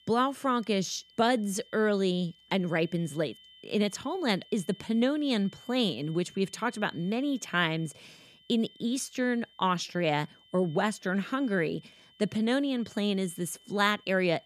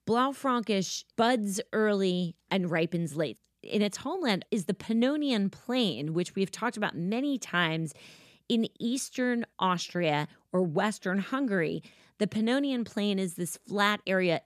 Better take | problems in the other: second | high-pitched whine; faint; throughout; 3 kHz, 25 dB below the speech

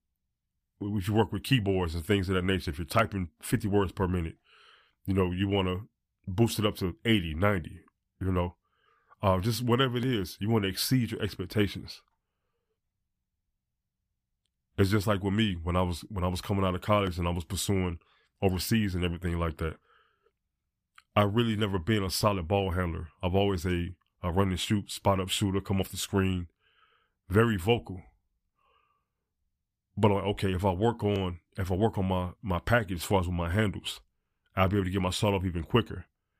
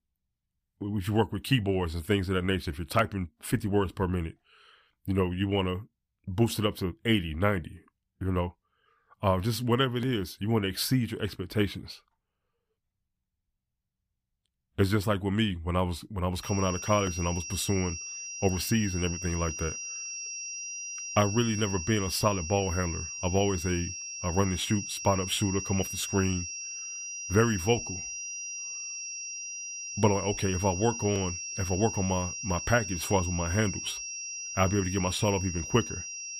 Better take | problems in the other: first | high-pitched whine; loud; from 16 s on; 5.5 kHz, 6 dB below the speech

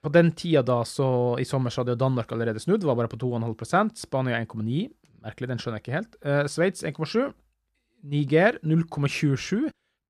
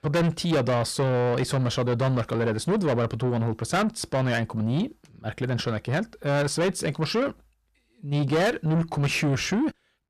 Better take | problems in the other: first | distortion; heavy; 7 dB below the speech

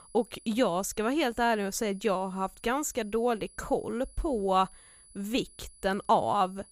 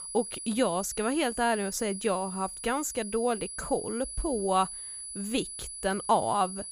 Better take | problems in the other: first | high-pitched whine; loud; throughout; 10 kHz, 8 dB below the speech; faint in the first

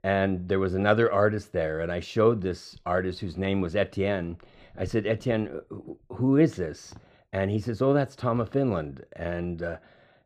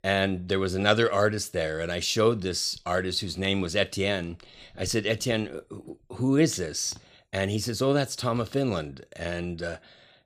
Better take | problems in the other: second | muffled; very; fading above 3 kHz

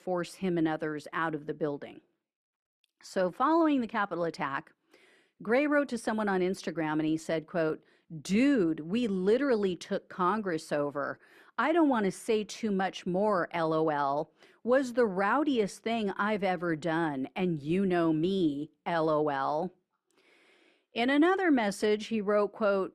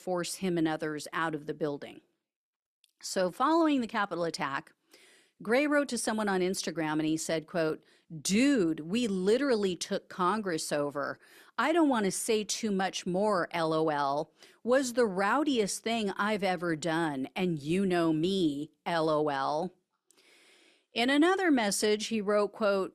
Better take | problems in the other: second | muffled; slightly; fading above 3.5 kHz

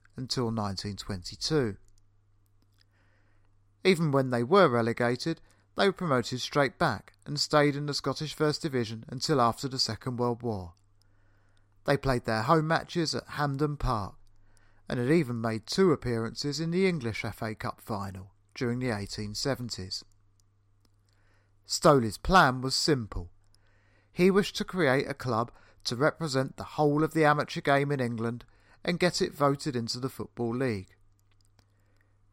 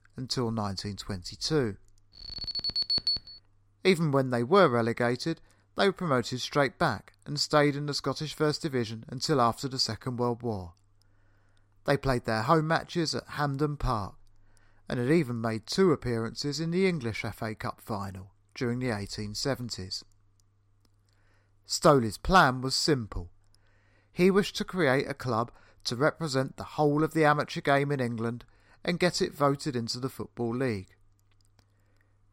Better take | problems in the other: first | alarm; loud; at 2 s; peak 3 dB above the speech

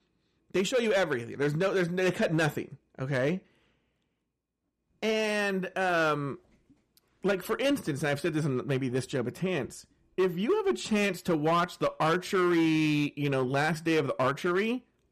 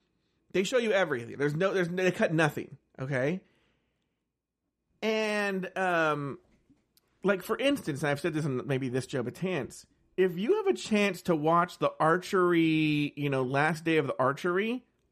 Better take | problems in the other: second | distortion; slight; 6% of the sound clipped

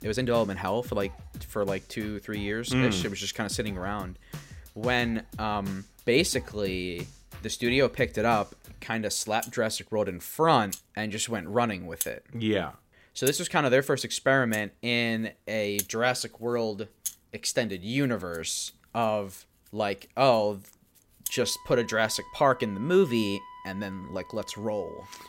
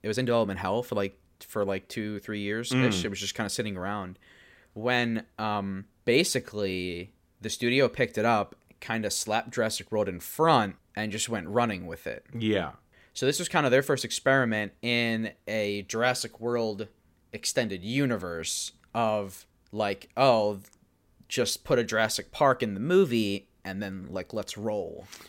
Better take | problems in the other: second | background music; noticeable; throughout; 15 dB below the speech

